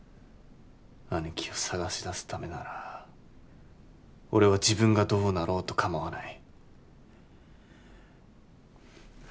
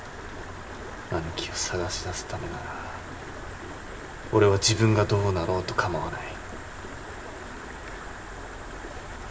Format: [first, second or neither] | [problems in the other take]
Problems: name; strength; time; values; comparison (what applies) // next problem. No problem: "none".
first | background sound (Stream); 9 dB below the speech // room echo; dies away in 1 s